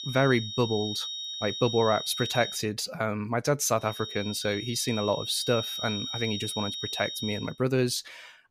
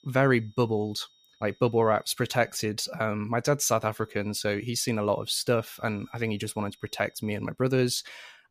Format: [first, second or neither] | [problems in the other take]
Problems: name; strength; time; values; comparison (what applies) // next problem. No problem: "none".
second | high-pitched whine; loud; until 2.5 s and from 4 to 7.5 s; 4 kHz, 5 dB below the speech; faint in the second